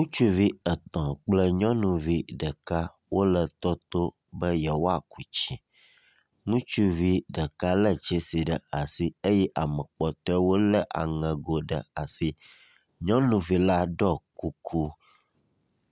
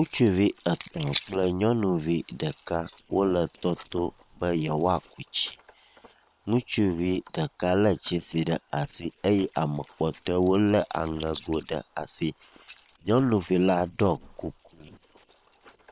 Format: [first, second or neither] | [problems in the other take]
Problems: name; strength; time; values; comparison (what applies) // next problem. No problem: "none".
first | noise reduction (neural separator model SepFormer WHAM!)